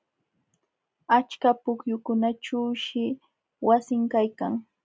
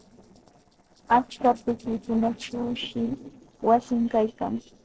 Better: first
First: none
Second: noise reduction (neural separator model SepFormer DNS4)

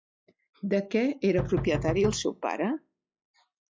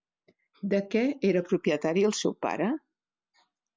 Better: second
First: noise reduction (classical method log-MMSE)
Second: none

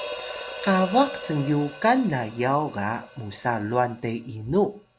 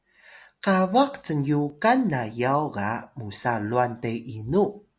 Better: second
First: background sound (Hi-hat); 14 dB below the speech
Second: none

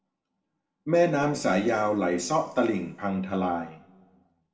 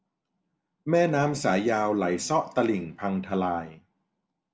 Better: second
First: room echo; dies away in 0.8 s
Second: none

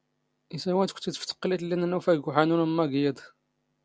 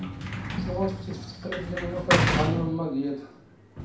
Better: first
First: none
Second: background sound (Sliding door / Slam); 2 dB above the speech // room echo; dies away in 0.6 s

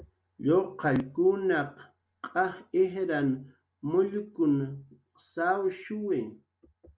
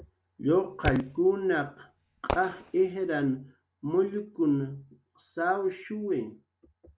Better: first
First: none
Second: background sound (Fireworks); 8 dB below the speech

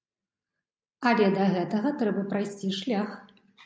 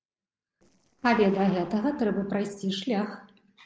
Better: first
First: none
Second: noise reduction (neural separator model SepFormer DNS4)

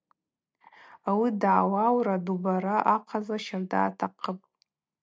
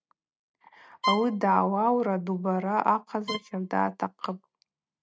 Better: first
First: none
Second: noise reduction (neural mask model RNNoise)

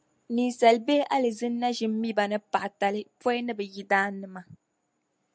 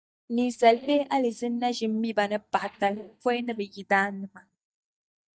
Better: first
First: none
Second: noise reduction (neural mask model DeepFilterNet 3)

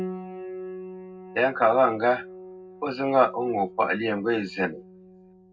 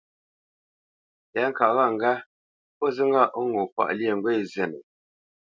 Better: second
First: background sound (Piano); 14 dB below the speech // room echo; dies away in 0.3 s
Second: none

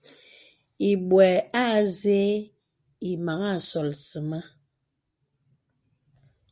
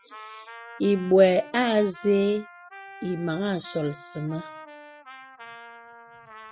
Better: first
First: none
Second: noise reduction (classical method spectral subtraction)

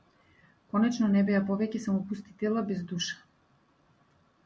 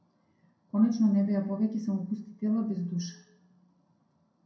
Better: first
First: none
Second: room echo; dies away in 0.5 s

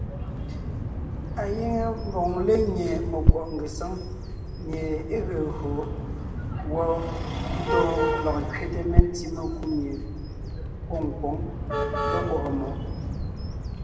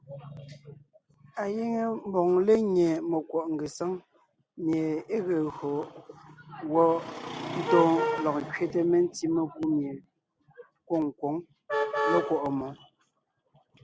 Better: second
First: background sound (Bird vocalization, bird call, bird song); as loud as the speech // room echo; dies away in 1.5 s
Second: none

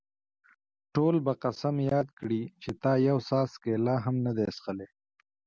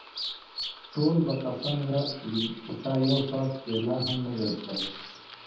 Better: first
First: none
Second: background sound (Bird vocalization, bird call, bird song); 9 dB below the speech // room echo; dies away in 0.8 s

